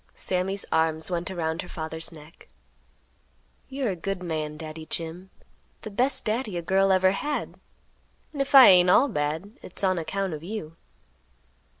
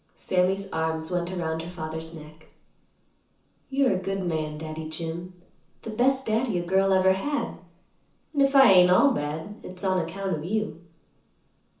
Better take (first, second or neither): first